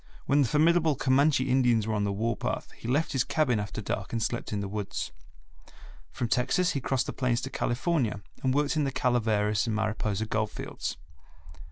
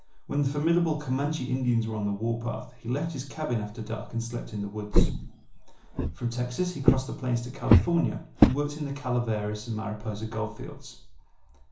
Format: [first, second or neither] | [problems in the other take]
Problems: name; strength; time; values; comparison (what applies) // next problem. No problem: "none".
first | background sound (Walk, footsteps); 4 dB above the speech // room echo; dies away in 0.7 s